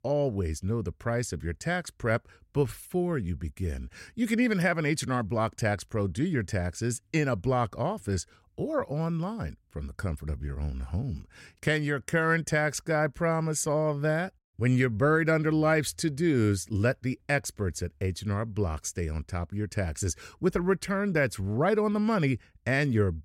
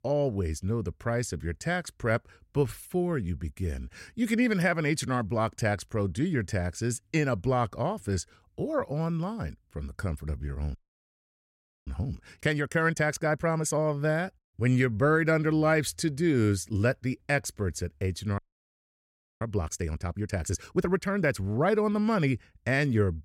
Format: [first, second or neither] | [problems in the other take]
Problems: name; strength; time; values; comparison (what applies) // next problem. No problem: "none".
first | audio freezing; at 11 s for 1 s and at 18 s for 1 s